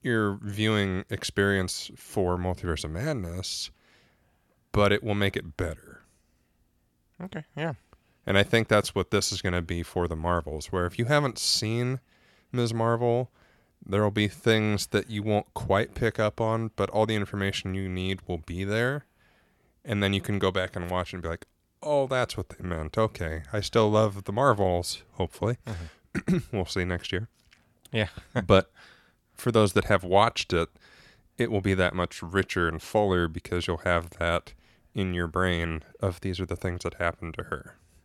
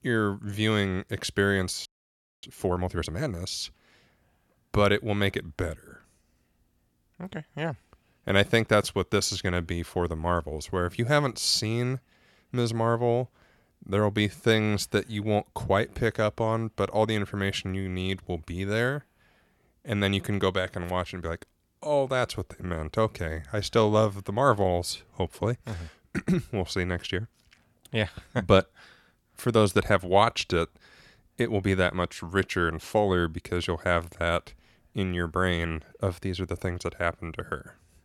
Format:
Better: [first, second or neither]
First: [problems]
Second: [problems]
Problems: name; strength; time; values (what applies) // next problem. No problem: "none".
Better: first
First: none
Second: audio freezing; at 2 s for 0.5 s